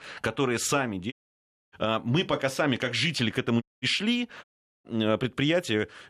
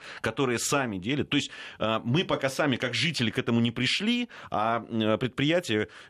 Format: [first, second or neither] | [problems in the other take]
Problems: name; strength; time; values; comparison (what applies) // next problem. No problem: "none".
second | audio cutting out; at 1 s for 0.5 s, at 3.5 s and at 4.5 s